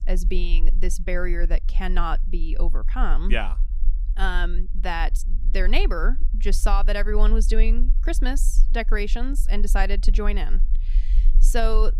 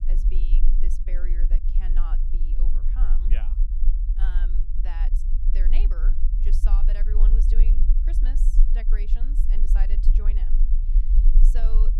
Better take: first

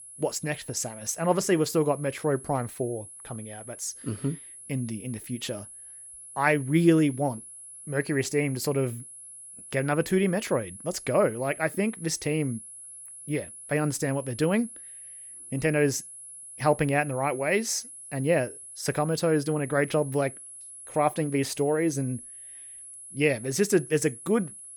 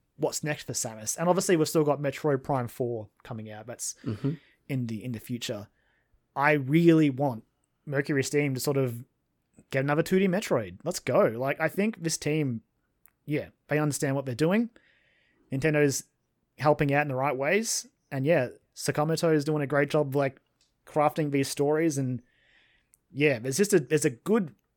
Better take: second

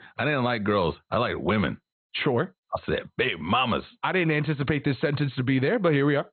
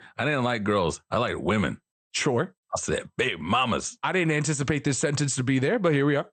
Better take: second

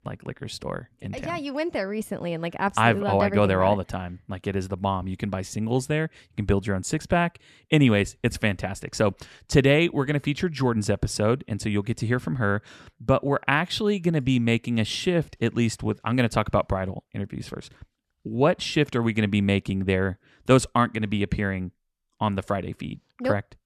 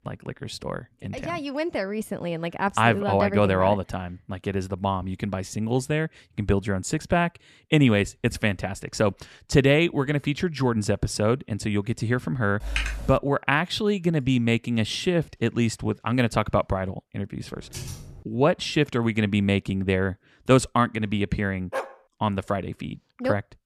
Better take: first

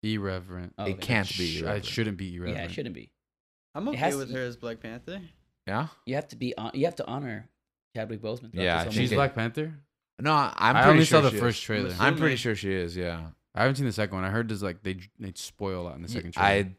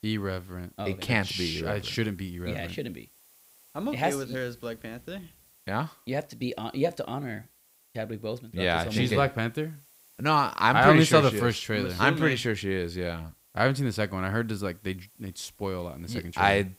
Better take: first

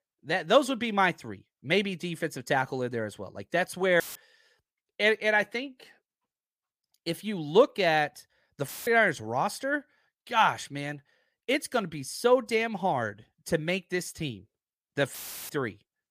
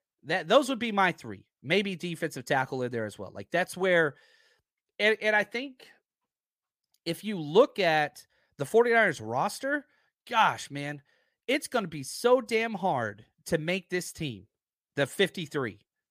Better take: second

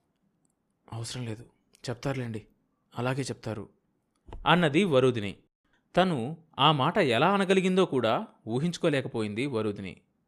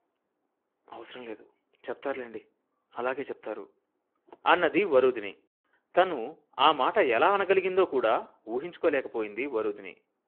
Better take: first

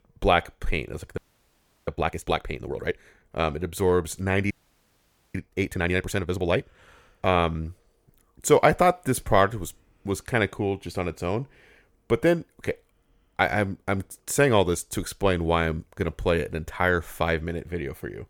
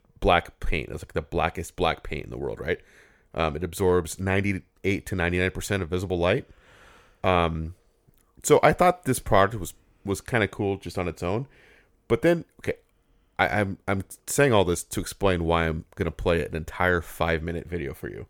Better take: second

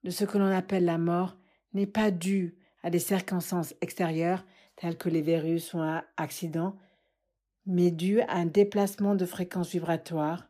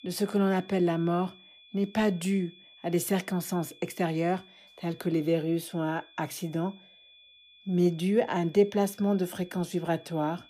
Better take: first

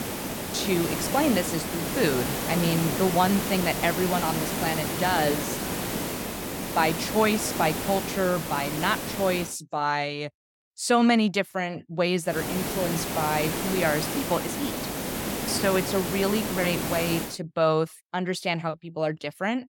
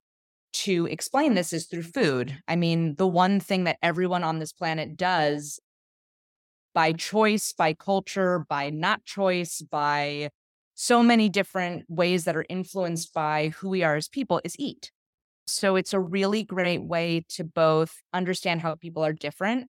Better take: second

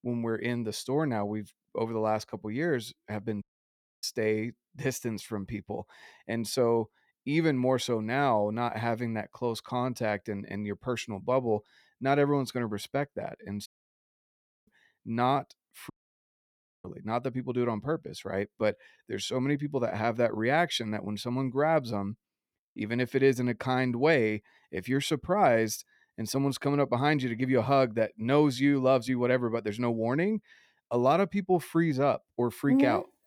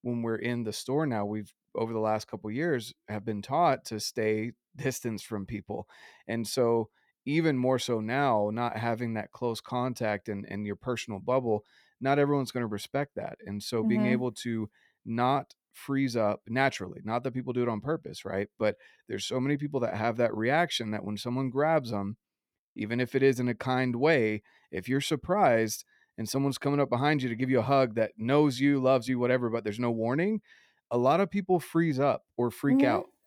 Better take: second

